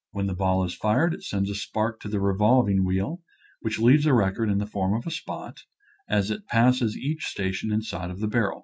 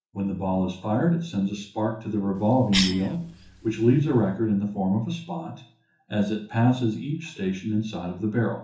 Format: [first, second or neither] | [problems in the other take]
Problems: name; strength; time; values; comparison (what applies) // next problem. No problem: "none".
first | background sound (Cough); 10 dB below the speech // room echo; dies away in 0.7 s